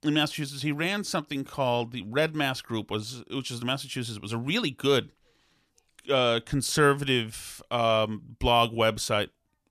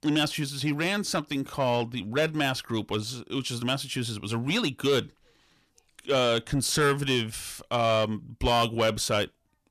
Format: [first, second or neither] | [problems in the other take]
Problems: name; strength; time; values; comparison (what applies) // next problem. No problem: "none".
first | distortion; slight; 10 dB below the speech